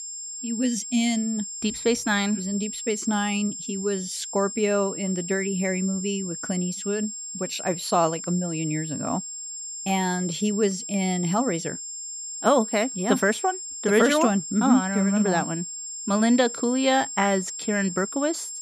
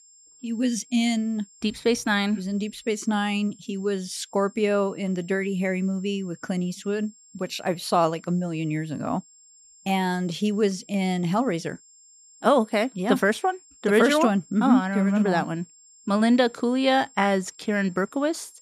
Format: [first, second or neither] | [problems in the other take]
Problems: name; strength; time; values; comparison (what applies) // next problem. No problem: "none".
second | high-pitched whine; loud; throughout; 7.5 kHz, 7 dB below the speech; faint in the second